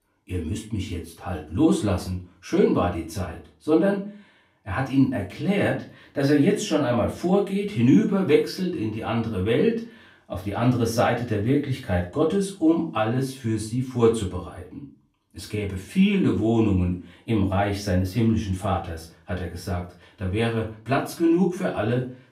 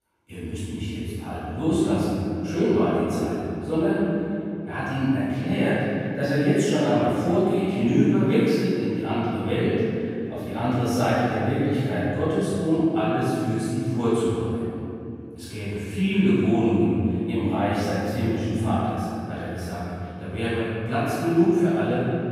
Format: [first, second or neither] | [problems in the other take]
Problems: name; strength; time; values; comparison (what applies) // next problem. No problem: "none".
first | room echo; strong; dies away in 2.7 s; slight in the first // off-mic speech; far; far in the first